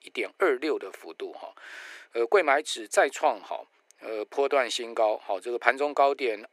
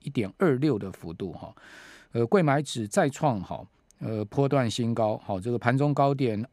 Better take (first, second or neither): second